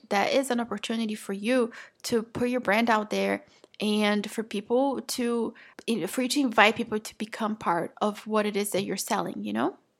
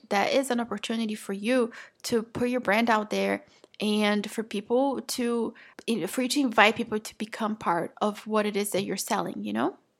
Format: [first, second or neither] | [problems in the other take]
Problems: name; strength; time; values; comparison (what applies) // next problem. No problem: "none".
neither | none